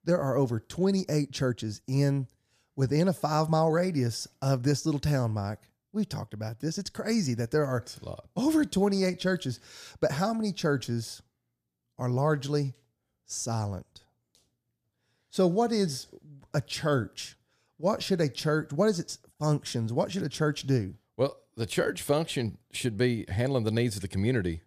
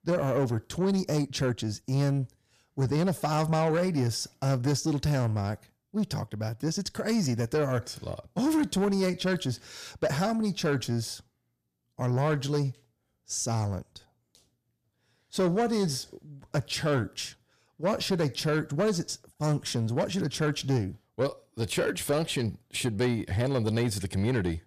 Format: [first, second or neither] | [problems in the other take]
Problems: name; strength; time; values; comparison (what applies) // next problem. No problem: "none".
first | distortion; slight; 10 dB below the speech